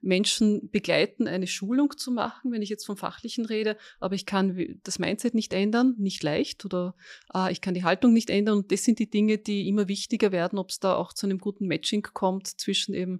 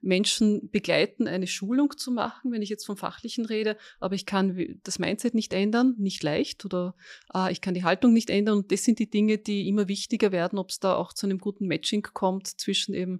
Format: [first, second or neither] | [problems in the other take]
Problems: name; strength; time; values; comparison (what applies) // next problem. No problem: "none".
neither | none